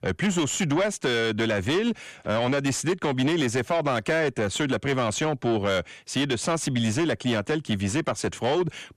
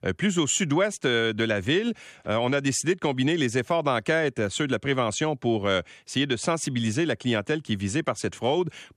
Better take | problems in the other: second | distortion; slight; 10 dB below the speech

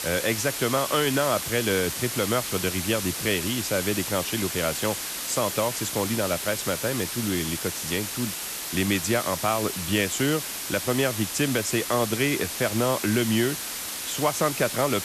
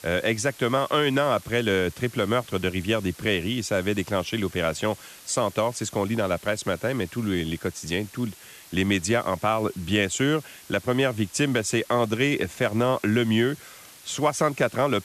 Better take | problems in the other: second | hiss; loud; throughout; 3 dB below the speech; faint in the second

